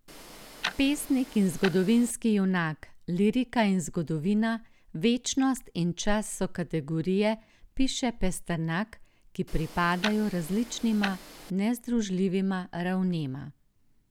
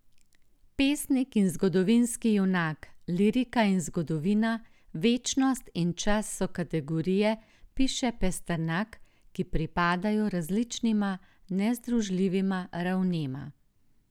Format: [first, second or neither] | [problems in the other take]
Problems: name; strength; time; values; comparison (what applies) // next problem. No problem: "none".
second | background sound (Tick-tock); 12 dB below the speech